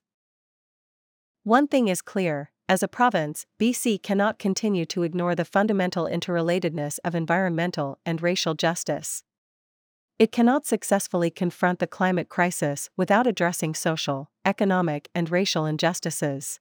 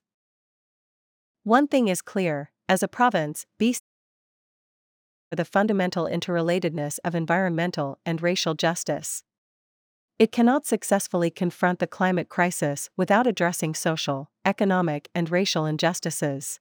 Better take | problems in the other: first | audio cutting out; at 4 s for 1.5 s

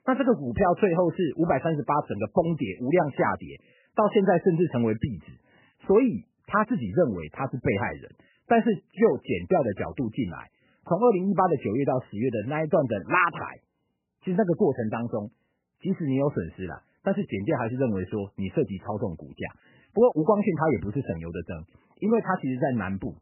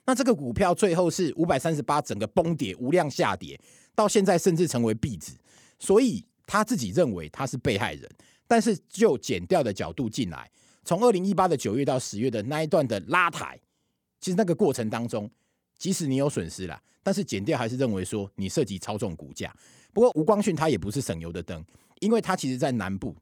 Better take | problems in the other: second | garbled, watery; badly; nothing above 3 kHz

